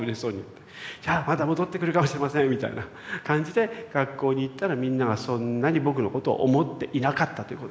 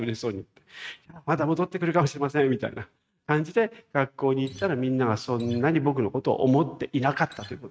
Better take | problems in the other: first | noise reduction (neural mask model RNNoise)

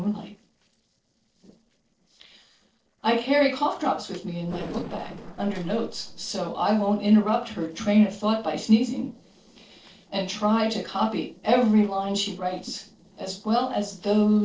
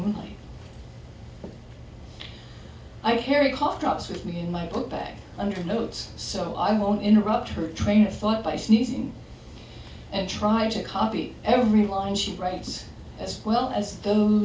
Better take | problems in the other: second | noise reduction (neural separator model SepFormer DNS4)

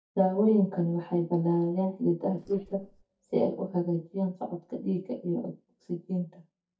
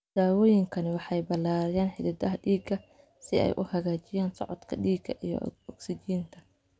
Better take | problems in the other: second | noise reduction (neural mask model DeepFilterNet 3)

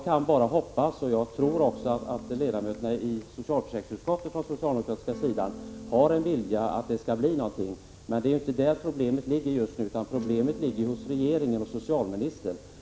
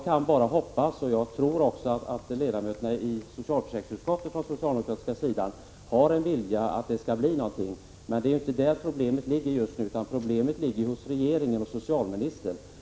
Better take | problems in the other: second | background sound (Electric guitar / Strum); 14 dB below the speech

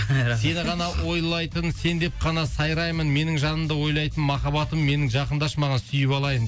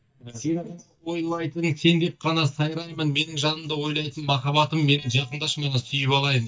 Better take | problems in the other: first | noise reduction (neural mask model DeepFilterNet 3)

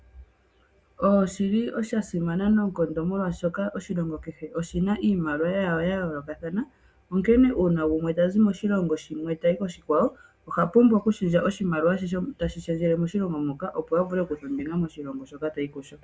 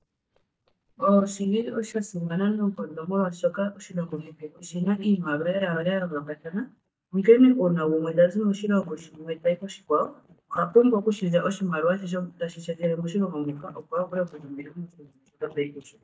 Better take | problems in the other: first | noise reduction (neural mask model DeepFilterNet 3)

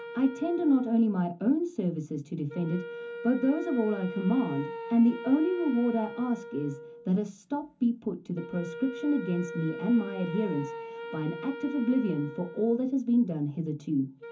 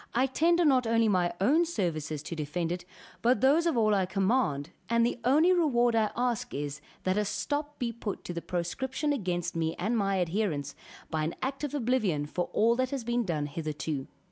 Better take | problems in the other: second | background sound (Wind instrument, woodwind instrument); 12 dB below the speech // room echo; dies away in 0.3 s

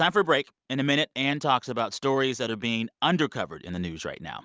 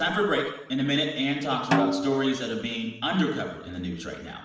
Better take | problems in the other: first | background sound (Snare drum); 3 dB below the speech // room echo; dies away in 0.8 s

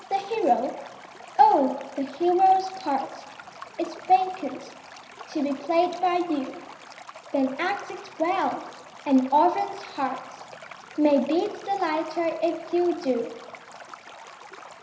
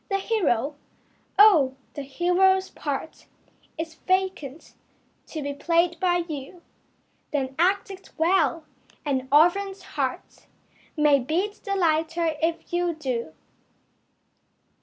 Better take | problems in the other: second | background sound (Stream); 18 dB below the speech // room echo; dies away in 0.9 s

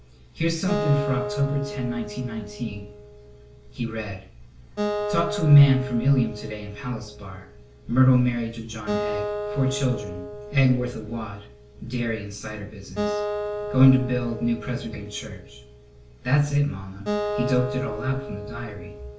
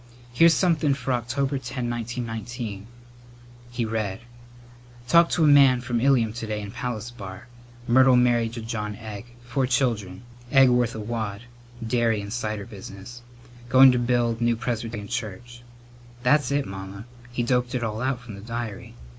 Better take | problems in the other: second | background sound (Acoustic guitar); 8 dB below the speech // room echo; dies away in 0.4 s

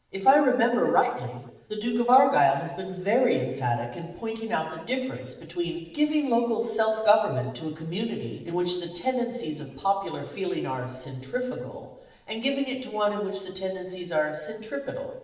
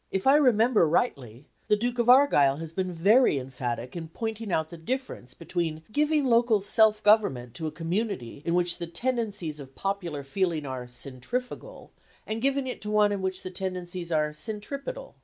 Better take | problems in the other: second | room echo; dies away in 1 s

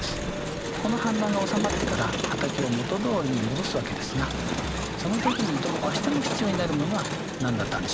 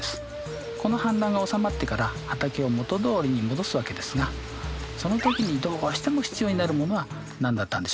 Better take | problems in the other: second | background sound (Crowd); 2 dB below the speech

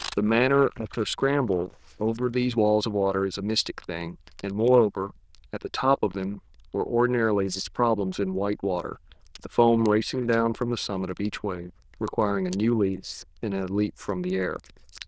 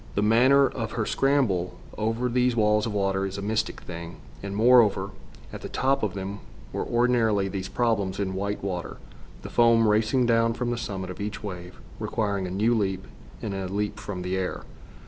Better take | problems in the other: second | noise reduction (neural diffusion model UNIVERSE++)

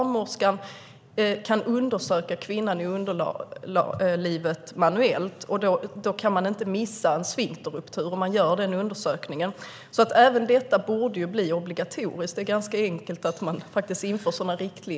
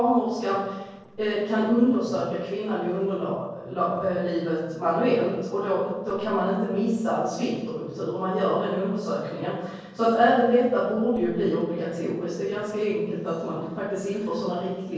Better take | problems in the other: first | noise reduction (neural separator model SepFormer DNS4)

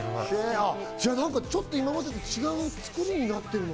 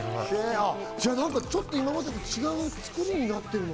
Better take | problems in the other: first | background sound (Liquid + Thump, thud); 18 dB below the speech

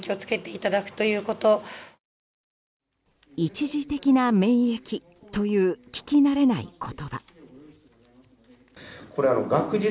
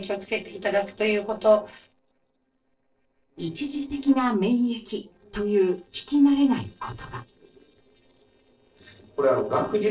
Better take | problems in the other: first | noise reduction (neural separator model SepFormer DNS4)

